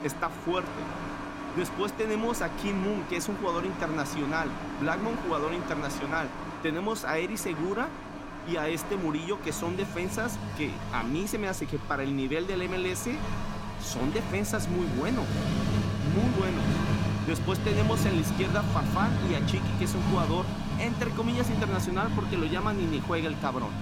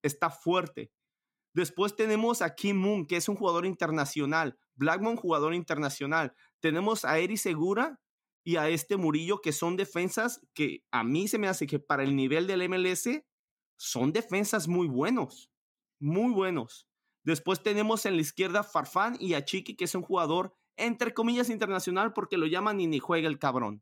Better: second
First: machinery noise; loud; throughout; 1 dB below the speech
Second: none

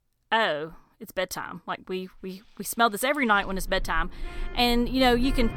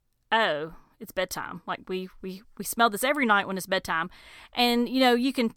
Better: second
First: household noises; noticeable; throughout; 15 dB below the speech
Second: none

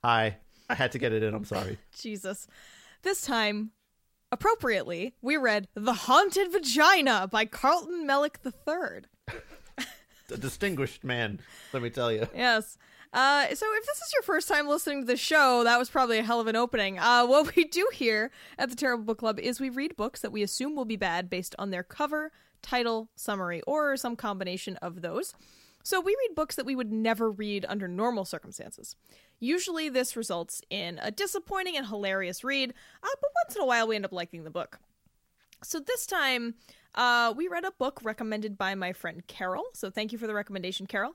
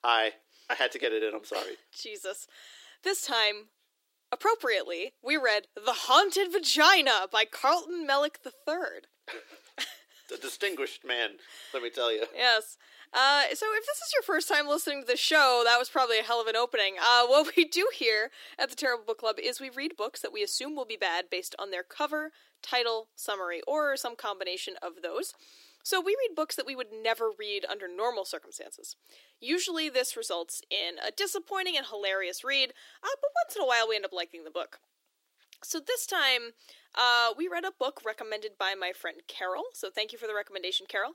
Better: first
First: none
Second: thin; somewhat; fading below 300 Hz

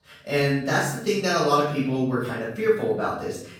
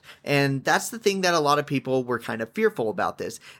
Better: second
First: off-mic speech; far // room echo; noticeable; dies away in 0.8 s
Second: none

